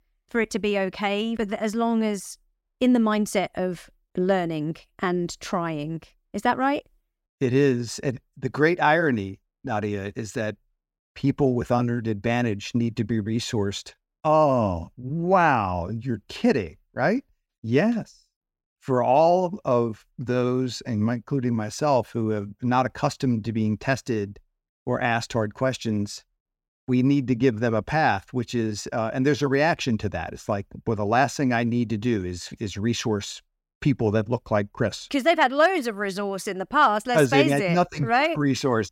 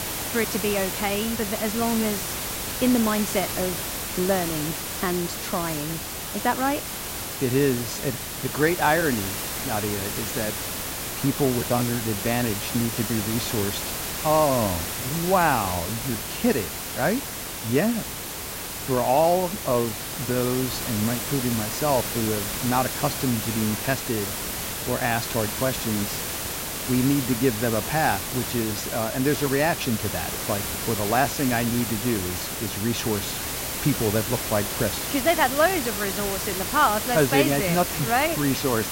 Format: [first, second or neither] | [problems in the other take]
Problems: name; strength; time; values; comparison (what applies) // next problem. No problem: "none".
first | hiss; loud; throughout; 3 dB below the speech